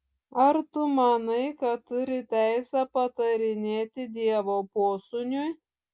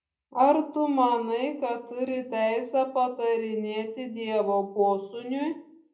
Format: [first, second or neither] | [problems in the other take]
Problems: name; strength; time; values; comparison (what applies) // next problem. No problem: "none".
first | room echo; dies away in 0.5 s